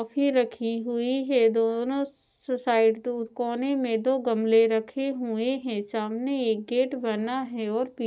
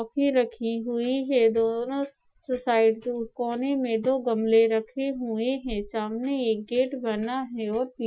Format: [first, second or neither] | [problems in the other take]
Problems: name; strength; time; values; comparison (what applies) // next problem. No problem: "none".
first | noise reduction (classical method Wiener filter)